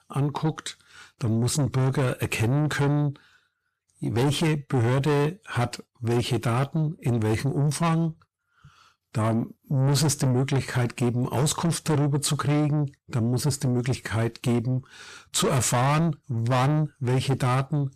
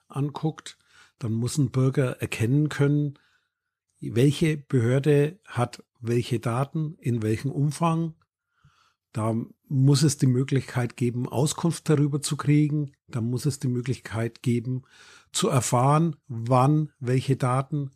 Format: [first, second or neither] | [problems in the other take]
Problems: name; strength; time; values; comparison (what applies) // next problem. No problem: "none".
second | distortion; heavy; 7 dB below the speech